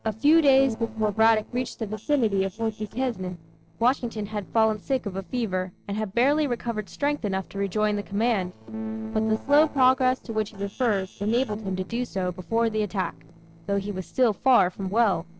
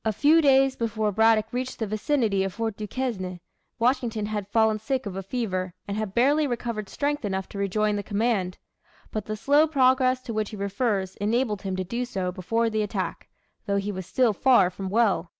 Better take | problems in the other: second | noise reduction (neural separator model SepFormer DNS4)

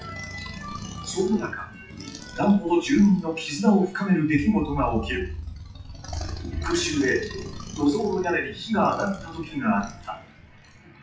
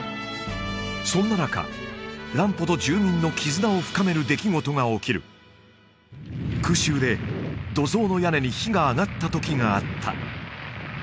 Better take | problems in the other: second | noise reduction (classical method WPE with log-MMSE)

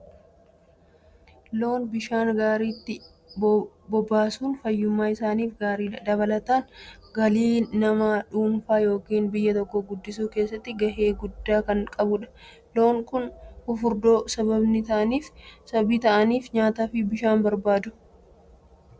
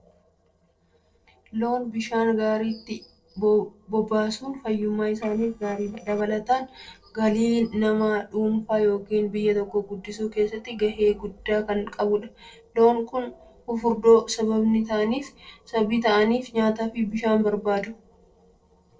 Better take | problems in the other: first | noise reduction (neural separator model SepFormer DNS4)

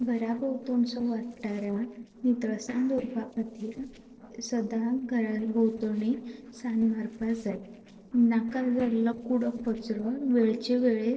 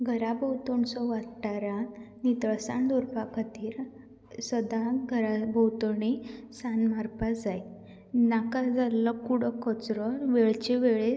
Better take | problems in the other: second | noise reduction (neural separator model SepFormer DNS4)

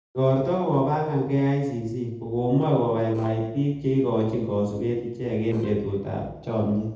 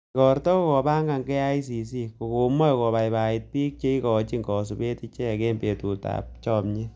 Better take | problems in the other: second | noise reduction (neural separator model SepFormer DNS4)

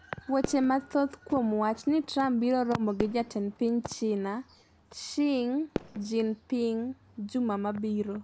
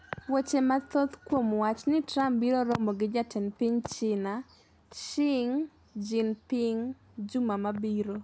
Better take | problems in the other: second | background sound (Fireworks); 15 dB below the speech

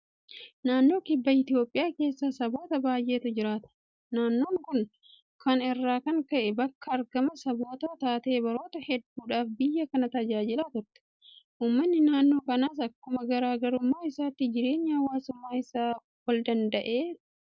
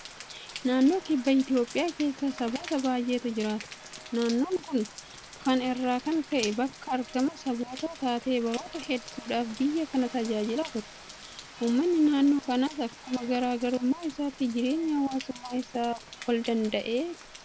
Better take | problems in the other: first | background sound (Rain); 16 dB below the speech

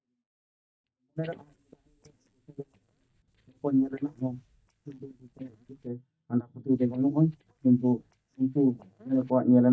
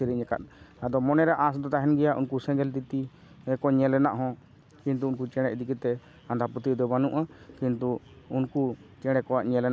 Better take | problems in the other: second | noise reduction (neural mask model DeepFilterNet 3)

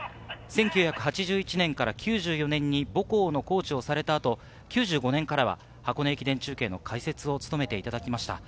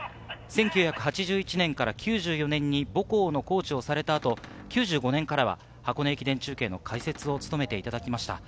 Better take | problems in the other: first | background sound (Cupboard open or close); 18 dB below the speech

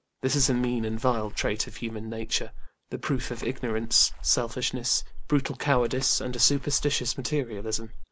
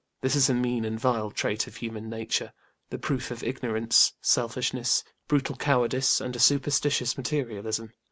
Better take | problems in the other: second | background sound (Water / Splash, splatter); 5 dB below the speech

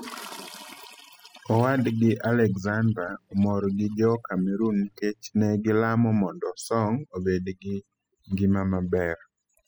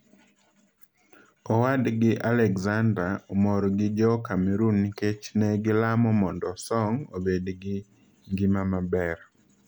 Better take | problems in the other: second | noise reduction (classical method spectral subtraction)

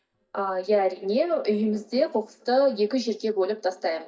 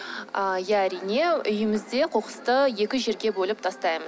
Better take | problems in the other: second | noise reduction (neural mask model DeepFilterNet 3)

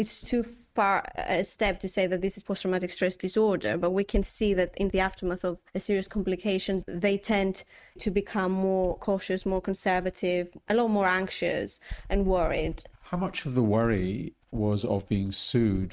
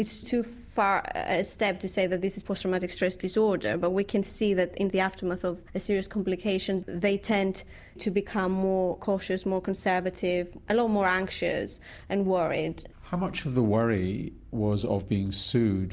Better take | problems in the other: second | noise reduction (neural mask model RNNoise)

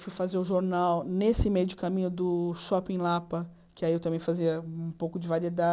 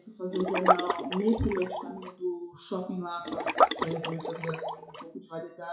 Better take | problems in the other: first | noise reduction (classical method WPE with log-MMSE)

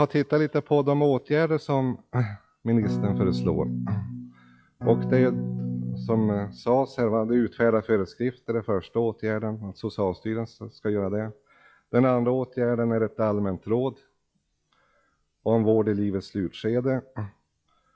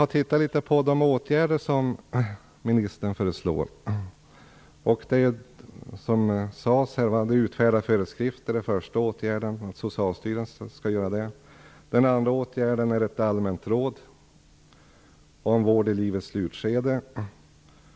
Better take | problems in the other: second | noise reduction (classical method log-MMSE)

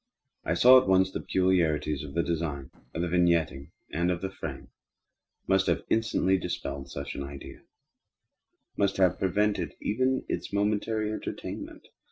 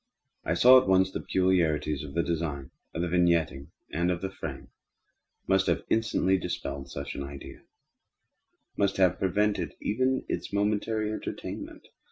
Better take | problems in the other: second | noise reduction (neural separator model SepFormer DNS4)

